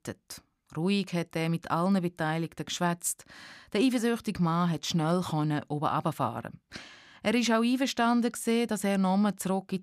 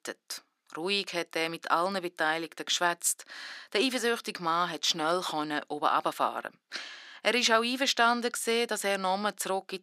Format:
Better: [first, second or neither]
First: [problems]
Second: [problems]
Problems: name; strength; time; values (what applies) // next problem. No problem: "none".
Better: first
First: none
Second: thin; somewhat; fading below 350 Hz